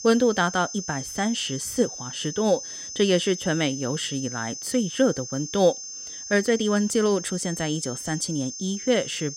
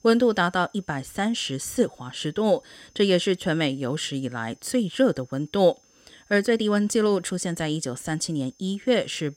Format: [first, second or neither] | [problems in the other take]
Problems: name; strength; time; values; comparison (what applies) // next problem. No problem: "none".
second | high-pitched whine; loud; throughout; 6 kHz, 9 dB below the speech; faint in the second